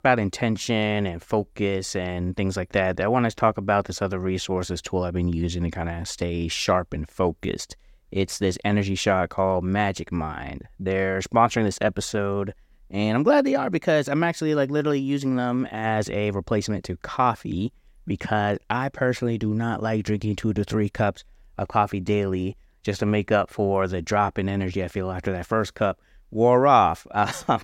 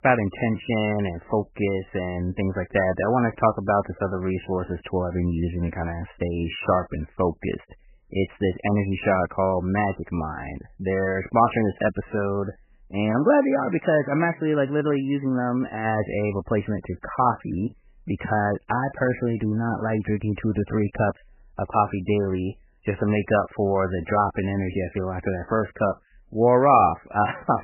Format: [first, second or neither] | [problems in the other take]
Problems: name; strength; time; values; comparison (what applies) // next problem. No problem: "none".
first | garbled, watery; badly; nothing above 3 kHz